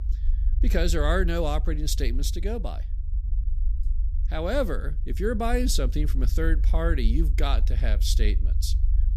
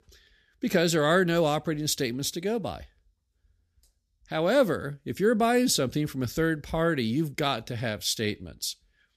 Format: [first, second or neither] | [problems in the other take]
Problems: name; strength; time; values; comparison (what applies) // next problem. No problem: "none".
second | low rumble; noticeable; throughout; 20 dB below the speech